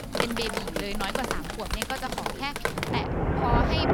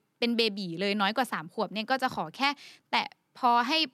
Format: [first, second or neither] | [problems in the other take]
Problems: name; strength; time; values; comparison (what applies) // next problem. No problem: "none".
second | rain or running water; very loud; throughout; 4 dB above the speech